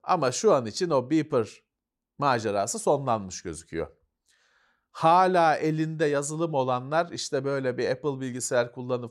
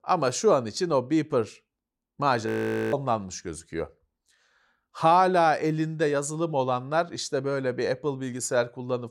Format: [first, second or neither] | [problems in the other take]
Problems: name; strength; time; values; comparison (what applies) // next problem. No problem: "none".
first | audio freezing; at 2.5 s